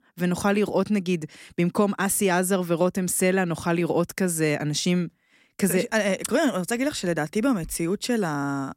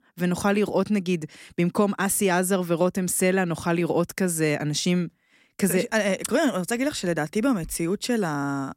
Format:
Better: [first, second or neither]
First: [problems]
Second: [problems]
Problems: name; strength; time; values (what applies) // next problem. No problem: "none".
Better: neither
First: none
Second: none